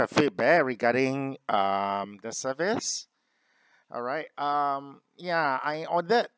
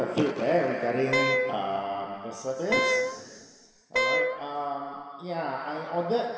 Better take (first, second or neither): first